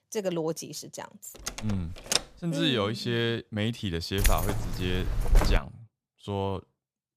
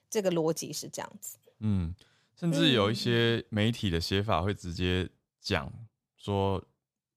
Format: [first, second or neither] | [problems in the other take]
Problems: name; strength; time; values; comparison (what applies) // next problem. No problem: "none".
second | door banging; loud; at 1.5 s; peak 3 dB above the speech // jangling keys; loud; from 4 to 5.5 s; peak 4 dB above the speech